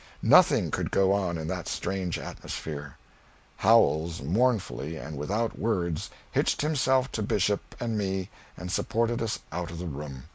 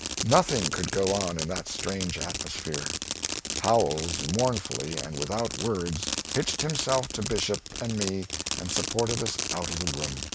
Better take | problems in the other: first | background sound (Fireworks); 4 dB below the speech

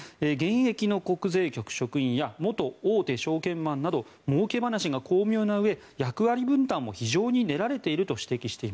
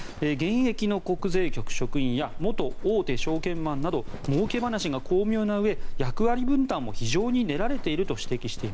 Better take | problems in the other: first | background sound (Livestock, farm animals, working animals); 2 dB below the speech

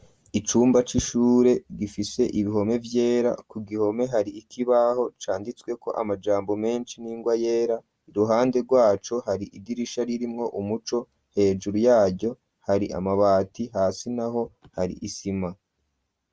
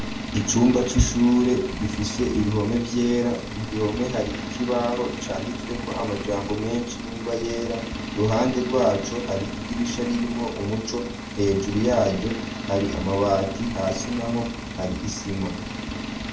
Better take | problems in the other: first | background sound (Engine); 7 dB below the speech // room echo; dies away in 0.3 s

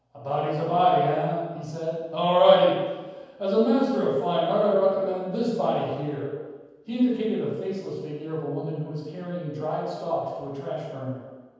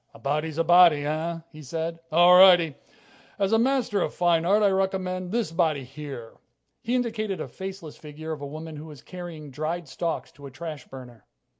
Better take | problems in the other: second | room echo; dies away in 1.2 s

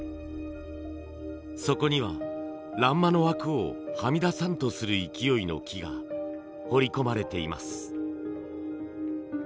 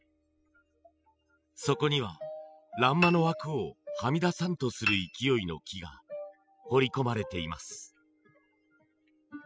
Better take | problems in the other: first | noise reduction (classical method spectral subtraction)

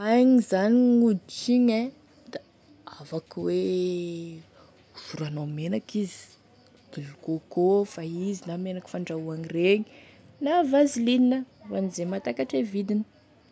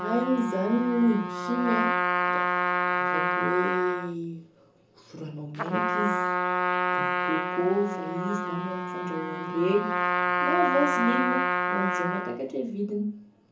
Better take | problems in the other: first | background sound (Trumpet); 1 dB above the speech // room echo; dies away in 0.6 s

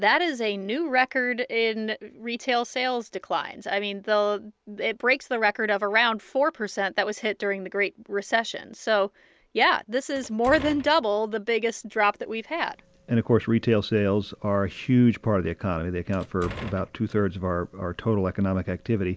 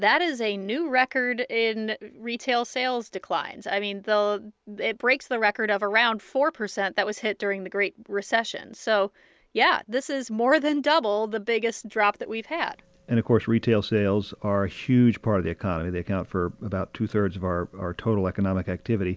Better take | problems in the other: second | background sound (Door); 15 dB below the speech

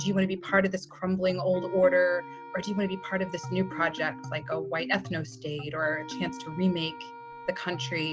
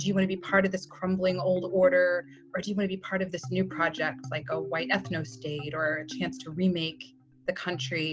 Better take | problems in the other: second | background sound (Wind instrument, woodwind instrument); 17 dB below the speech

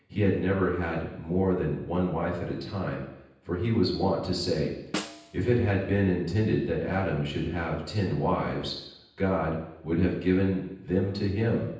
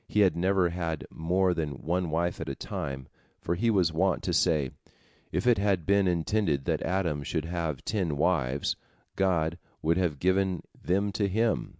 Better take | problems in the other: second | background sound (Snare drum); 14 dB below the speech // room echo; dies away in 0.9 s

